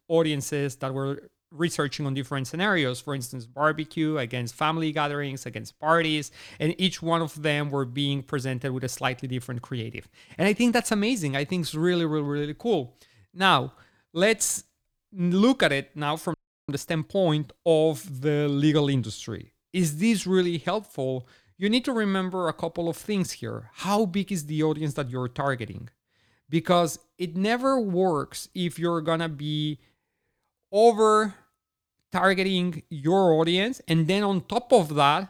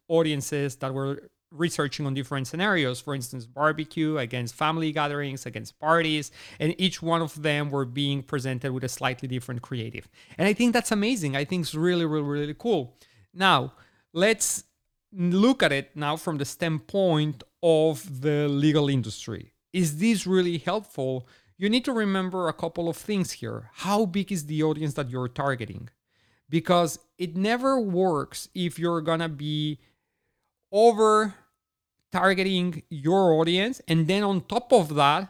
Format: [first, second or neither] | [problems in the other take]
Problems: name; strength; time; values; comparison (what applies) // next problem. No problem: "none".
second | audio freezing; at 16 s